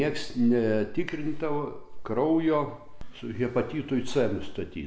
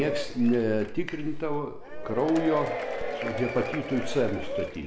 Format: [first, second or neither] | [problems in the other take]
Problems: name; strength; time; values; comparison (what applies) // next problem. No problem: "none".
first | background sound (Applause / Crowd / Cheering); 7 dB below the speech